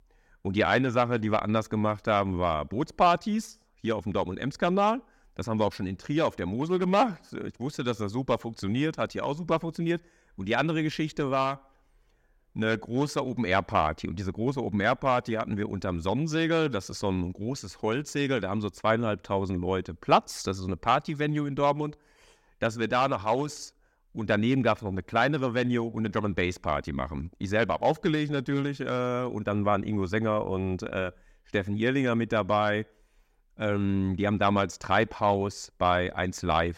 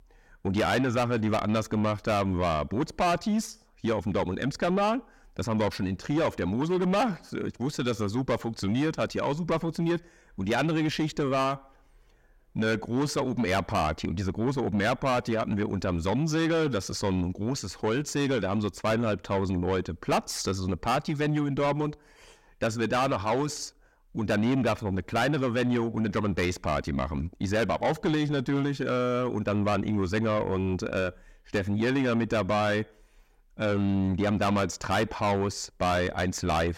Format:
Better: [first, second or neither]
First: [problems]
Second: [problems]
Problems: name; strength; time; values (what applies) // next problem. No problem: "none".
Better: first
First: none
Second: distortion; heavy; 8 dB below the speech